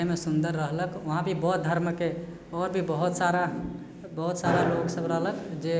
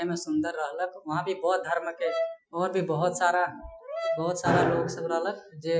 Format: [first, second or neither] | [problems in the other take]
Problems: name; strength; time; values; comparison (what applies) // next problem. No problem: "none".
first | noise reduction (classical method Wiener filter)